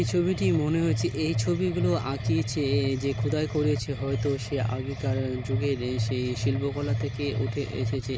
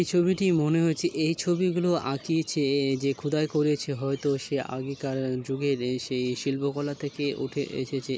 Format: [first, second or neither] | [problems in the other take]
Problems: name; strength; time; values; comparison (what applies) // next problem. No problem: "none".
second | background sound (Mechanisms); 1 dB below the speech